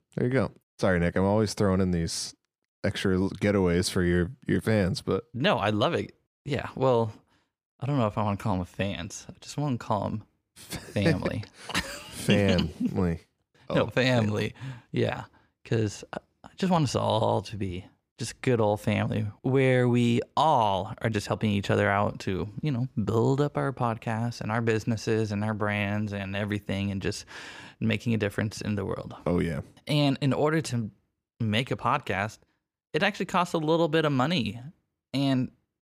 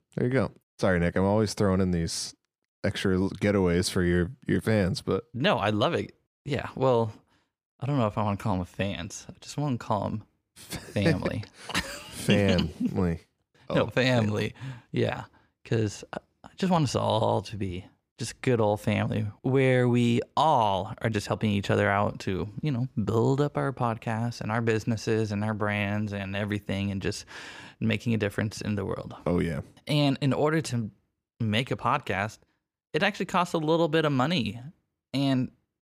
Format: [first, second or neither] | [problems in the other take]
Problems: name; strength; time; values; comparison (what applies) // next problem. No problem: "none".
neither | none